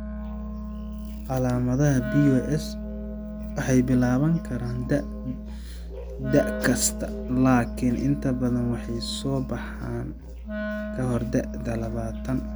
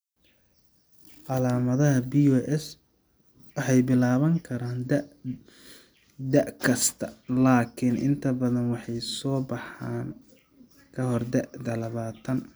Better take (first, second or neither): second